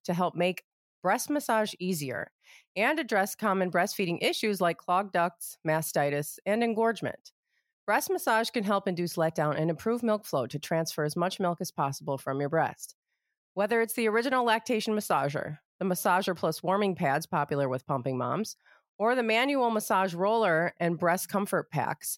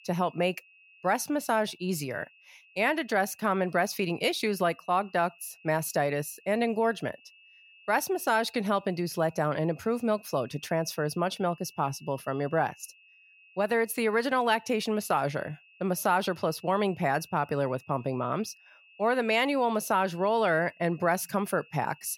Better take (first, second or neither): first